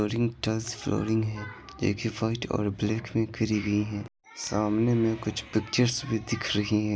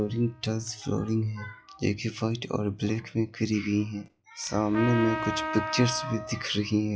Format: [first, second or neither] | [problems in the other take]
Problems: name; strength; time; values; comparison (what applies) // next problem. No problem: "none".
first | noise reduction (classical method log-MMSE)